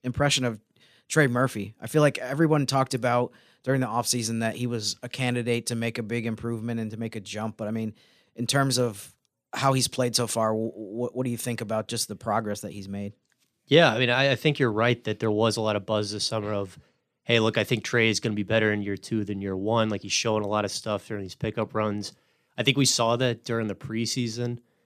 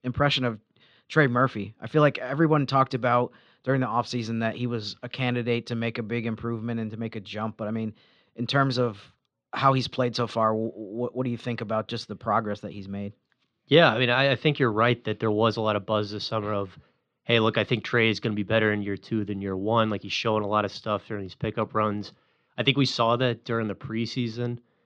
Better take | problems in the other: first | muffled; slightly; fading above 4 kHz

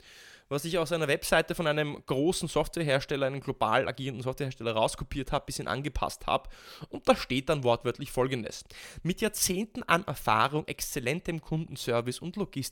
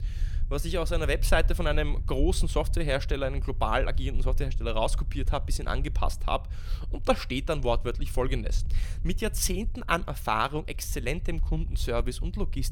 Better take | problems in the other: first | low rumble; faint; throughout; 25 dB below the speech

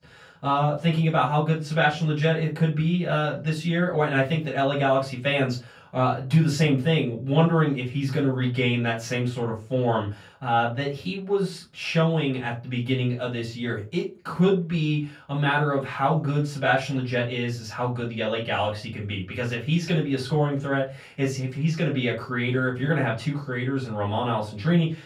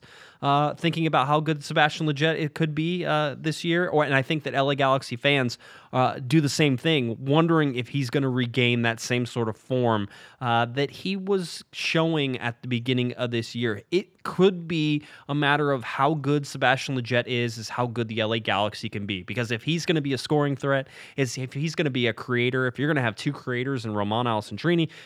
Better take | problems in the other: second | off-mic speech; far // room echo; slight; dies away in 0.2 s

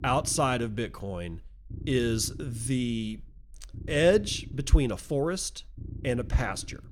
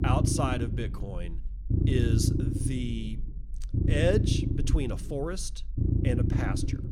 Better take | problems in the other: first | low rumble; loud; throughout; 4 dB below the speech; faint in the first

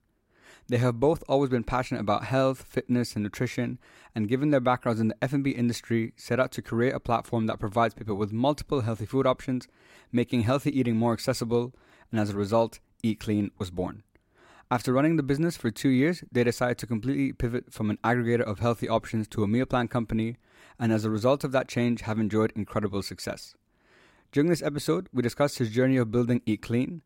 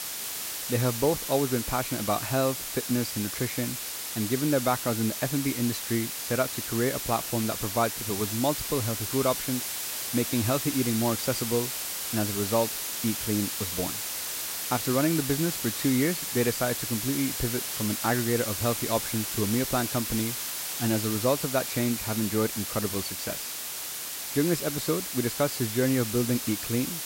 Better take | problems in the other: first | hiss; loud; throughout; 2 dB below the speech

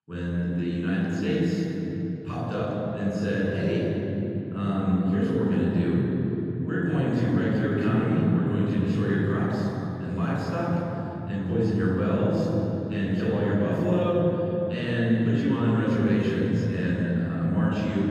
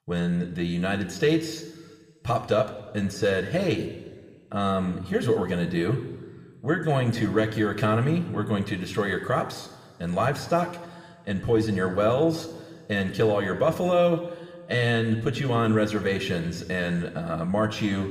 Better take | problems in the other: second | room echo; strong; dies away in 3 s; slight in the second // off-mic speech; far

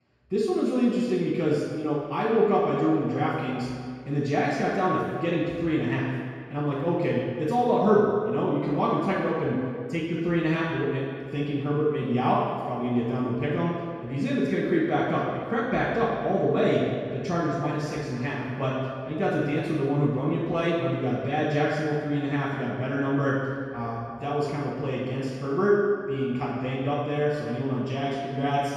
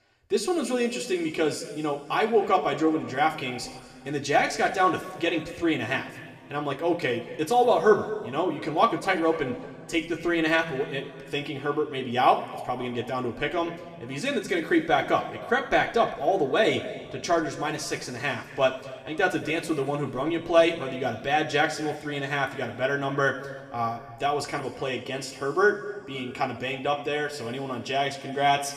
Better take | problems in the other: second | room echo; strong; dies away in 2 s; slight in the second // off-mic speech; far; somewhat distant in the second

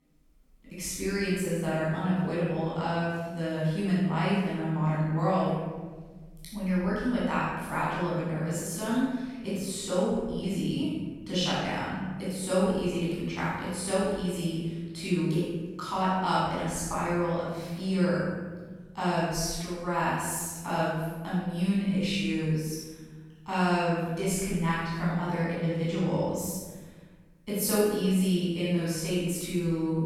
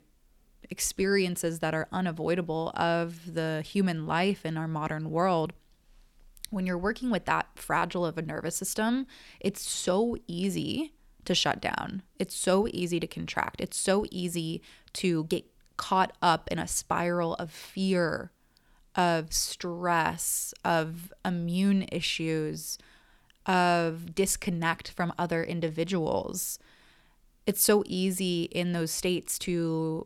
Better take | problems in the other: second | room echo; strong; dies away in 1.4 s // off-mic speech; far

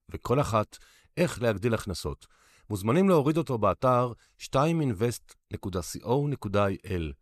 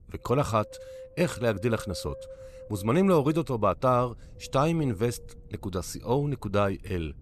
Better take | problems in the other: first | wind noise on the microphone; occasional gusts; 20 dB below the speech

